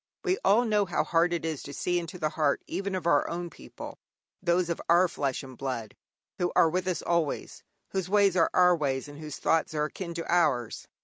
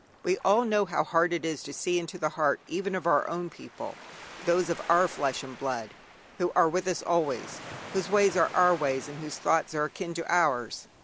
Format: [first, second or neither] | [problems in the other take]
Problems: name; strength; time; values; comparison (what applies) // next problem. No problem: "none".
first | background sound (Waves, surf); 18 dB below the speech